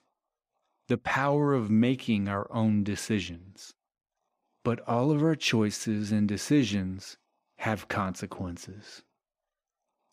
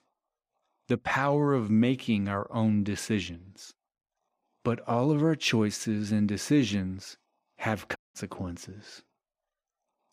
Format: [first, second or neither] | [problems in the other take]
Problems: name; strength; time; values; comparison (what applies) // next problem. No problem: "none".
first | audio cutting out; at 8 s